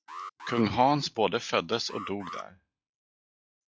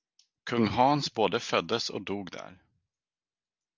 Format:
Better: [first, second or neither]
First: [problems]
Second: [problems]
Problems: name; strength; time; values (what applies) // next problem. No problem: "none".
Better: second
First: noise reduction (classical method log-MMSE)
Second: none